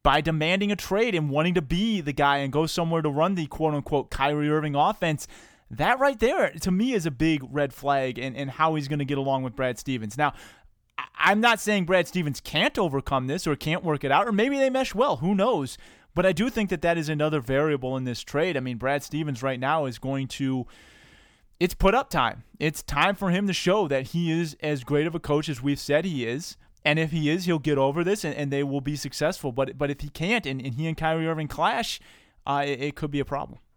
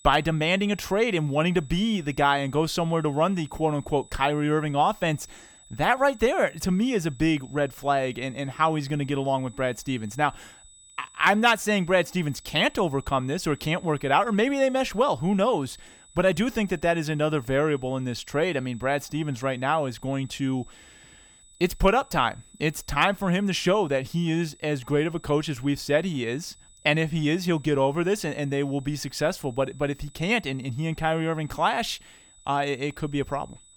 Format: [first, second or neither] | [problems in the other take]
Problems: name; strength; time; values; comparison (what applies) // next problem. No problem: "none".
first | high-pitched whine; faint; throughout; 8 kHz, 25 dB below the speech